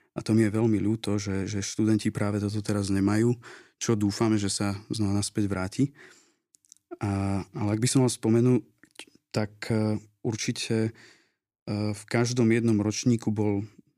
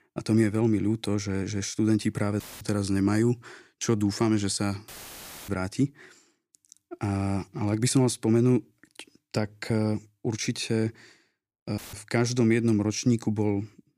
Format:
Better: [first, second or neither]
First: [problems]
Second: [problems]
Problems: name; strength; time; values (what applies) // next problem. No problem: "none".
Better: first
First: none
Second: audio cutting out; filled with static; at 2.5 s, at 5 s for 0.5 s and at 12 s